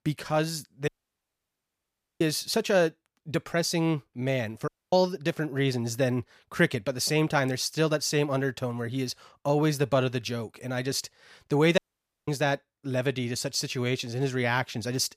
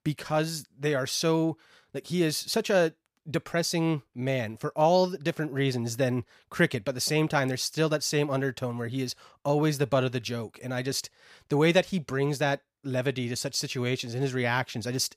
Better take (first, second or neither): second